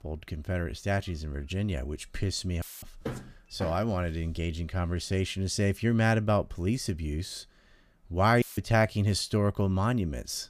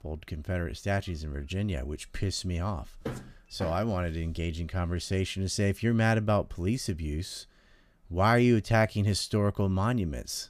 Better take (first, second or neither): second